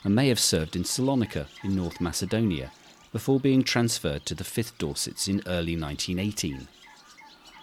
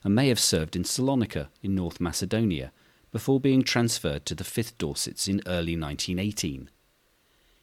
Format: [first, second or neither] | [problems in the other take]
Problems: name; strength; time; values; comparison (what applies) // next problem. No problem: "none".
second | animal sounds; faint; throughout; 25 dB below the speech